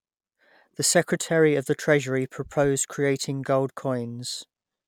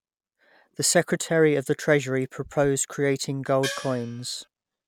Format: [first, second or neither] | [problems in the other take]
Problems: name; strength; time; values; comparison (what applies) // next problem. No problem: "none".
first | background sound (Gong); 11 dB below the speech